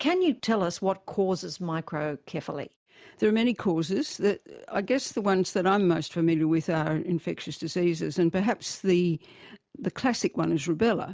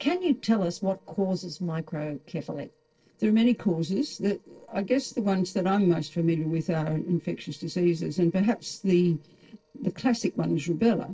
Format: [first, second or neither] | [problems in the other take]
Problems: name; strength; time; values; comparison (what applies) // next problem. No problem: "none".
first | noise reduction (neural separator model SepFormer DNS4)